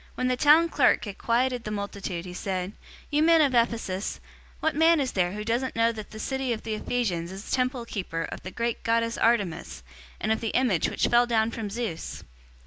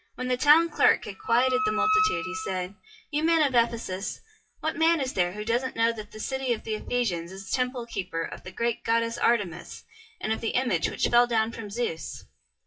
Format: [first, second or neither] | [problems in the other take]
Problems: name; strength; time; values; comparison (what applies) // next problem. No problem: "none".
first | noise reduction (classical method WPE with log-MMSE)